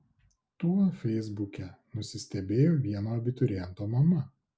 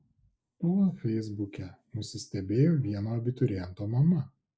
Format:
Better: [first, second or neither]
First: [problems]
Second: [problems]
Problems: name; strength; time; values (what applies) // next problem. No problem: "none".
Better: first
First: none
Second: noise reduction (neural mask model Resemble Enhance denoiser)